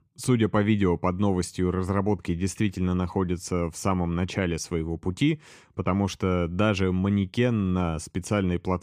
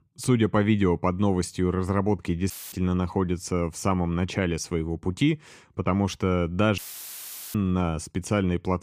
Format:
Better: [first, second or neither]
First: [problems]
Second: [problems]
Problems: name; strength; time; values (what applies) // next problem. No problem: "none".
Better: first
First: none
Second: audio cutting out; filled with static; at 2.5 s and at 7 s for 1 s